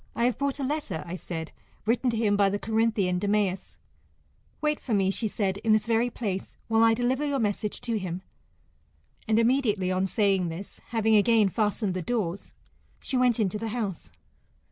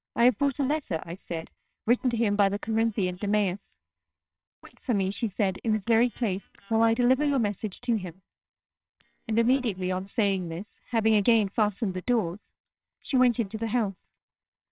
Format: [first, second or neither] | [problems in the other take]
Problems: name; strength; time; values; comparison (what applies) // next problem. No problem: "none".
first | noise reduction (neural separator model SepFormer WHAMR!)